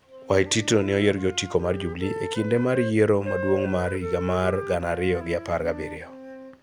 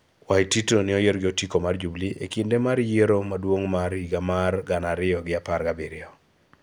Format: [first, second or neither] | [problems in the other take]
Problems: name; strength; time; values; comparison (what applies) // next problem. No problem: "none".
second | background sound (Wind instrument, woodwind instrument); 10 dB below the speech